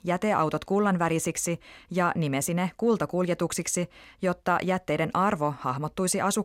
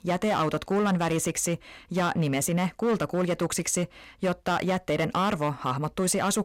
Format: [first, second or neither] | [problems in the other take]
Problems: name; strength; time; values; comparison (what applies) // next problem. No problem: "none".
first | distortion; slight; 12% of the sound clipped